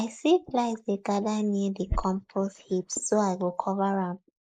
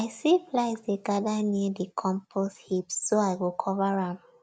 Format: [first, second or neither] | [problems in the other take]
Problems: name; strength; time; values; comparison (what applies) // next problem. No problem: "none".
second | noise reduction (neural mask model Resemble Enhance denoiser)